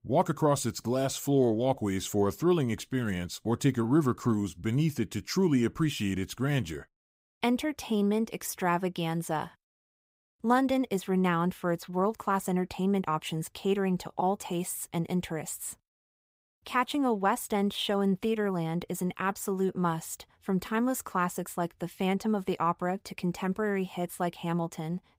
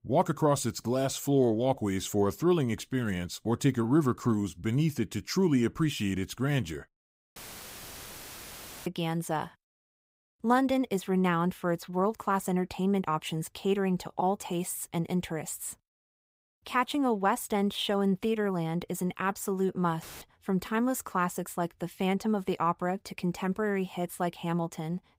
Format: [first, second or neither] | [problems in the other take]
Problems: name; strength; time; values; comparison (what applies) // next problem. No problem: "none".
first | audio cutting out; filled with static; at 7.5 s for 1.5 s and at 20 s